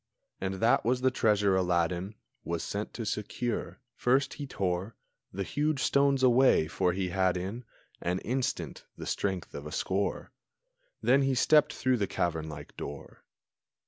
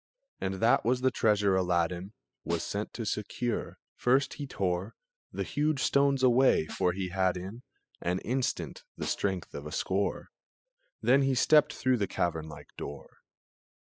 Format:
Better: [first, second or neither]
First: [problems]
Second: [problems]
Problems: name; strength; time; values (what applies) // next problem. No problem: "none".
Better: first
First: none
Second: noise reduction (classical method spectral subtraction)